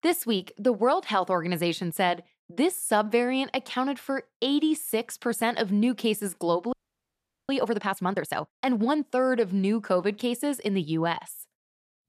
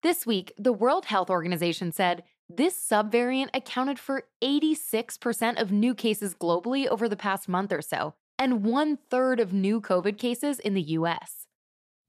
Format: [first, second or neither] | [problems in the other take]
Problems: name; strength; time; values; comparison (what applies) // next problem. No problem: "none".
second | audio freezing; at 6.5 s for 1 s